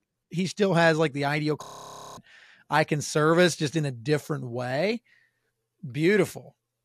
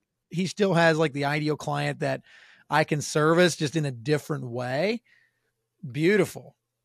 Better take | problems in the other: second | audio freezing; at 1.5 s for 0.5 s

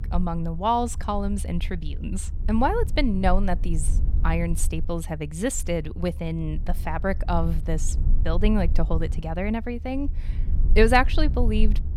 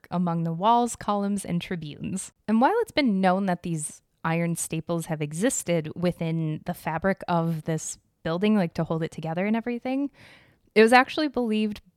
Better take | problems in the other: second | low rumble; faint; throughout; 20 dB below the speech

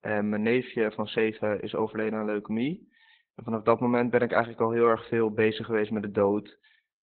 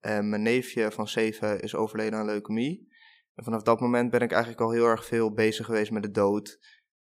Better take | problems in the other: second | garbled, watery; badly; nothing above 4 kHz

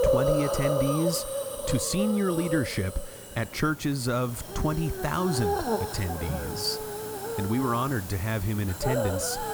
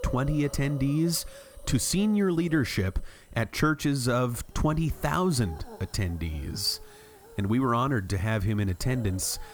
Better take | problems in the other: second | hiss; loud; throughout; 2 dB below the speech; faint in the second

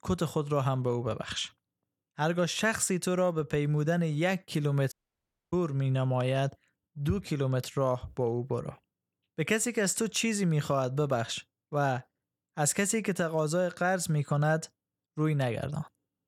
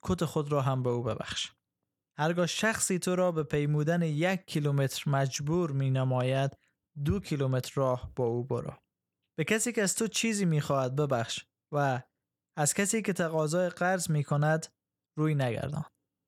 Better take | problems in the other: second | audio cutting out; at 5 s for 0.5 s

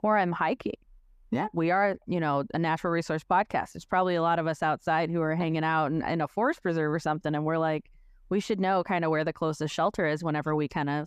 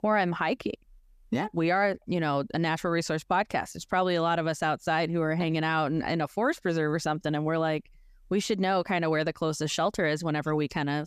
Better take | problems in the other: second | muffled; slightly; fading above 3 kHz

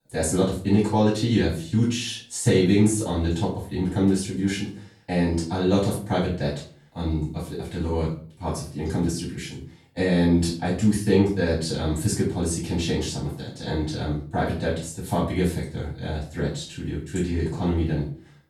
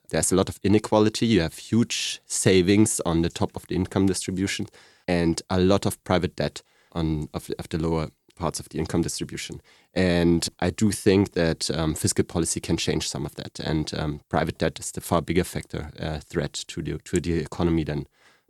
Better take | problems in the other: second | off-mic speech; far // room echo; noticeable; dies away in 0.4 s

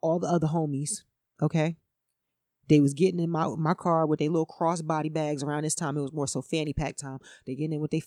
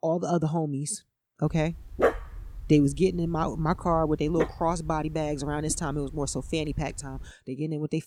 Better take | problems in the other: first | dog barking; loud; from 1.5 to 7 s; peak 2 dB above the speech

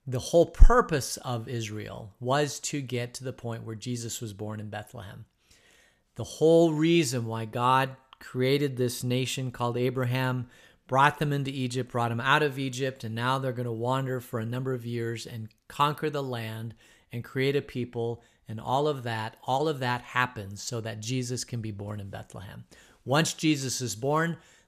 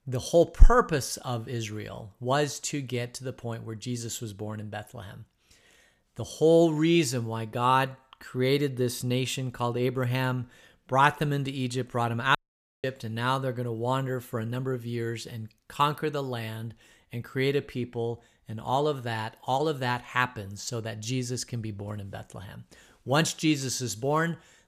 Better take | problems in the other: first | audio cutting out; at 12 s

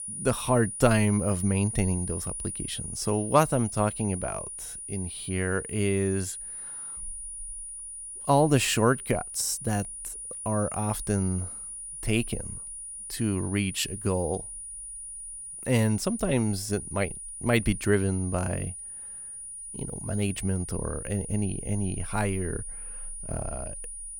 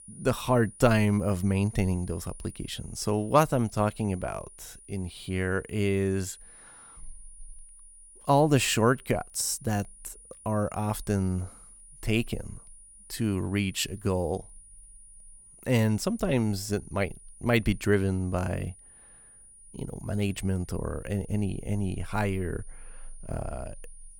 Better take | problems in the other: second | high-pitched whine; loud; throughout; 9.5 kHz, 8 dB below the speech; faint in the second

